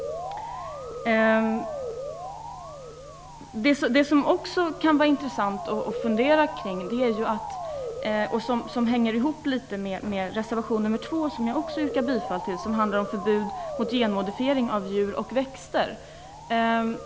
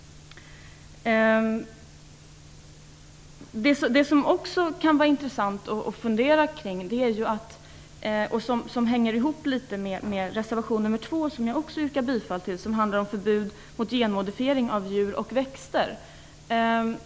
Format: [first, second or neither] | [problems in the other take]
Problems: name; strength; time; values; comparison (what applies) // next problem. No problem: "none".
second | background sound (Motor vehicle (road) / Siren); 10 dB below the speech